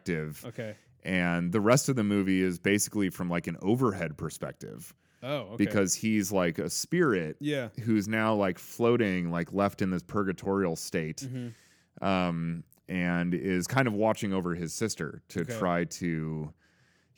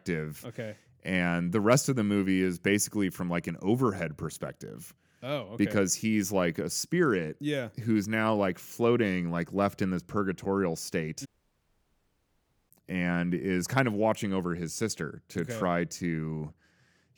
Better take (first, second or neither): first